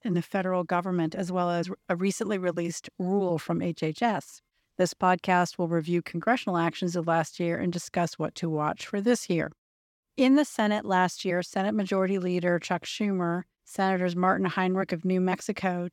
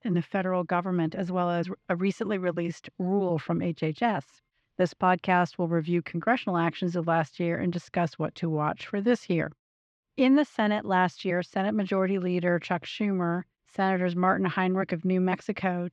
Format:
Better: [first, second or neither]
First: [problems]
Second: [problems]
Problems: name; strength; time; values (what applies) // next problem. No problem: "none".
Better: first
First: none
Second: muffled; slightly; fading above 3 kHz